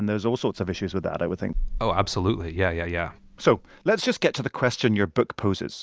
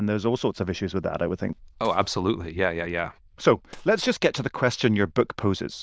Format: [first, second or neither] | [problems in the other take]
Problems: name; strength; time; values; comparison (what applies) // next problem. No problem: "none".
first | noise reduction (neural diffusion model UNIVERSE++)